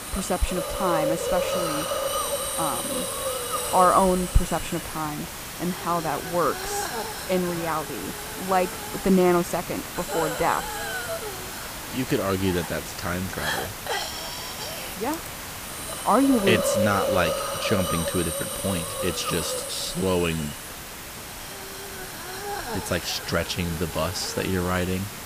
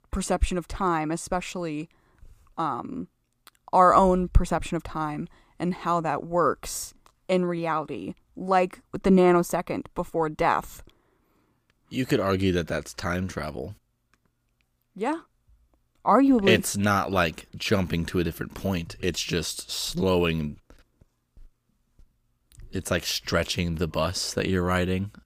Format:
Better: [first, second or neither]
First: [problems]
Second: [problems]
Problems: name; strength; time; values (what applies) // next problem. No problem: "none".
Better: second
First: hiss; loud; throughout; 4 dB below the speech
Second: none